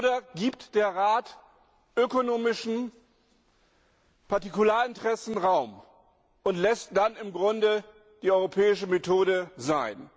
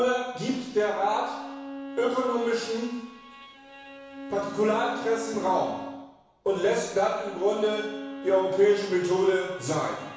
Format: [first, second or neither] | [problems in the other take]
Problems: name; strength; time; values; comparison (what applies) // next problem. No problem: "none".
first | background sound (Bowed string instrument); 14 dB below the speech // room echo; dies away in 1.1 s